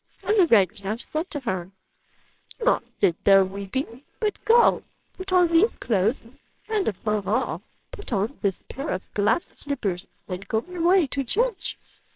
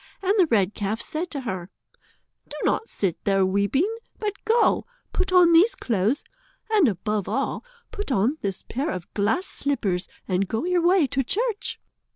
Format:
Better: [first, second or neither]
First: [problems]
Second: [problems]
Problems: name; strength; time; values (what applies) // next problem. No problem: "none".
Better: second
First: noise reduction (neural separator model SepFormer WHAMR!)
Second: none